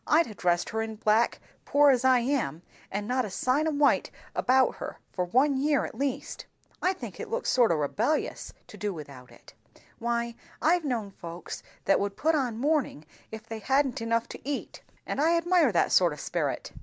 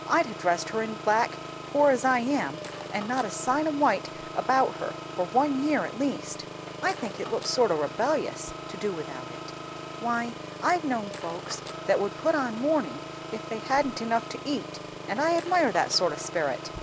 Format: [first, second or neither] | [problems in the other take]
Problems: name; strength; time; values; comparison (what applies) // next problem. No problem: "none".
first | background sound (Engine); 10 dB below the speech